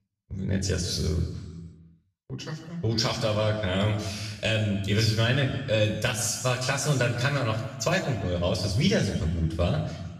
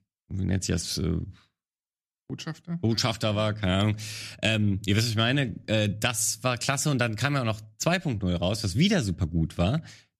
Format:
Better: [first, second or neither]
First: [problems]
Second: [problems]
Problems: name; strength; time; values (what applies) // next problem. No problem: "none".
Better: second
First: room echo; noticeable; dies away in 1.1 s // off-mic speech; far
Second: none